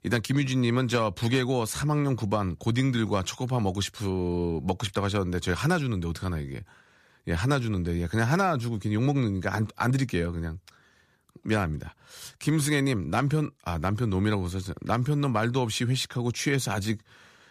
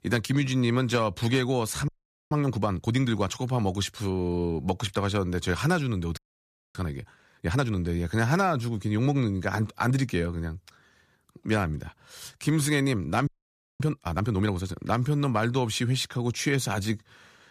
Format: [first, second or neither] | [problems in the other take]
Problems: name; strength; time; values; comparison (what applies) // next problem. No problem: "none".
first | audio freezing; at 2 s, at 6 s for 0.5 s and at 13 s for 0.5 s